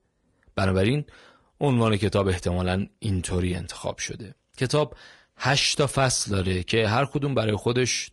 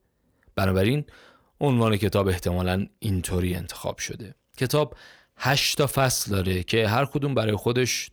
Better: second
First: garbled, watery; slightly; nothing above 10.5 kHz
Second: none

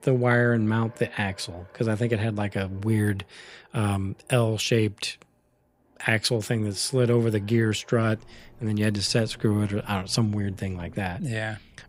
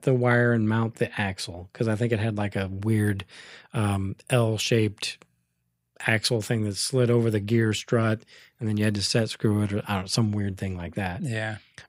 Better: second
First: traffic noise; faint; throughout; 25 dB below the speech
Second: none

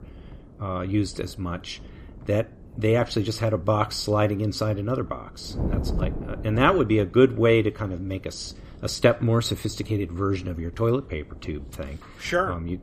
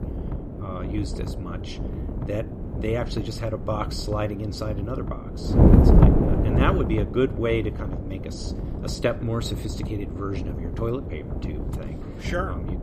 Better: first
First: wind noise on the microphone; occasional gusts; 20 dB below the speech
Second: wind noise on the microphone; heavy; 3 dB below the speech

